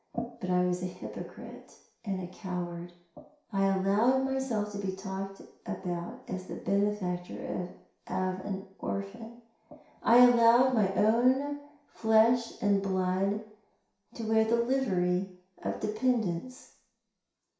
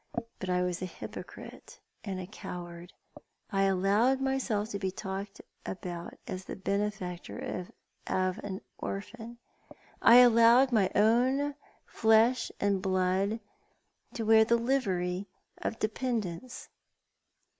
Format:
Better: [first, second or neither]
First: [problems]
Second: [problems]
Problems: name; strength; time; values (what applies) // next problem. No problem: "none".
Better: second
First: room echo; dies away in 0.6 s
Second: none